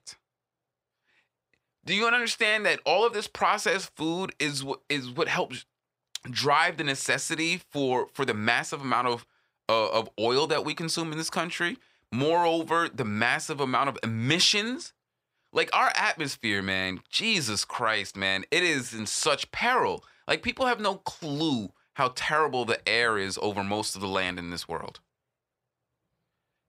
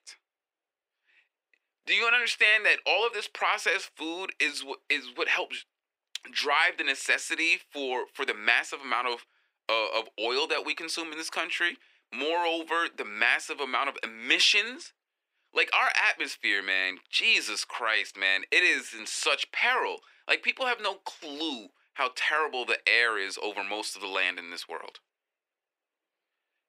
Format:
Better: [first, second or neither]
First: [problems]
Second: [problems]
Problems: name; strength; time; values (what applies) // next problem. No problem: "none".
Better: first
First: none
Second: thin; somewhat; fading below 300 Hz